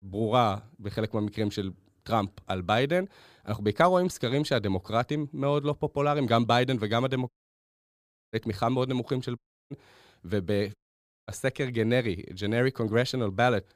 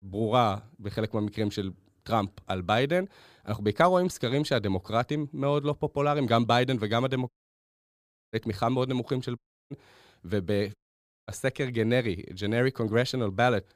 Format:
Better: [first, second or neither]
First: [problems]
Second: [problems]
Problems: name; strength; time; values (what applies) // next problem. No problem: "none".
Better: neither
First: audio cutting out; at 7.5 s for 1 s, at 9.5 s and at 11 s for 0.5 s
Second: audio cutting out; at 7.5 s for 1 s, at 9.5 s and at 11 s for 0.5 s